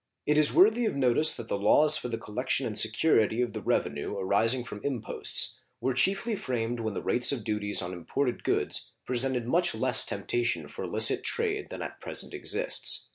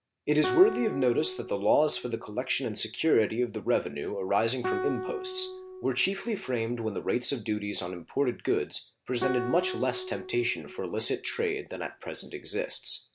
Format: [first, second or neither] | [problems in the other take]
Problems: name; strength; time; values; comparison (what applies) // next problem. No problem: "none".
first | background sound (Guitar); 9 dB below the speech